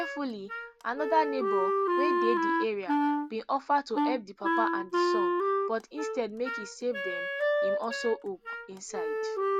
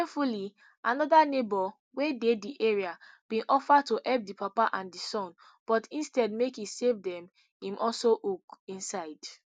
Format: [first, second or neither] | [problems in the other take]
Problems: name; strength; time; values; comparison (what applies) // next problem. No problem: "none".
second | background sound (Wind instrument, woodwind instrument); 3 dB above the speech